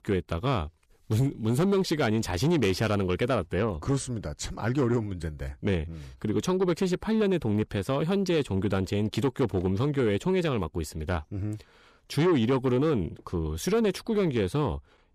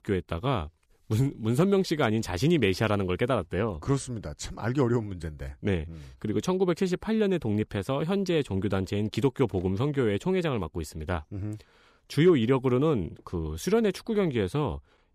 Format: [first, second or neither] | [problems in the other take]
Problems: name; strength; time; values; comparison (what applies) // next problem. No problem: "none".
second | distortion; slight; 10 dB below the speech